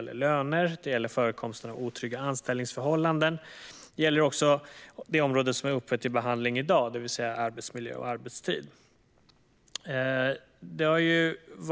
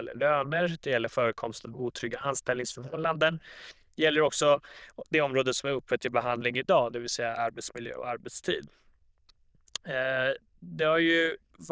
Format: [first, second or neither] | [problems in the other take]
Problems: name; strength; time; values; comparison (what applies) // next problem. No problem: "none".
first | noise reduction (neural diffusion model UNIVERSE++)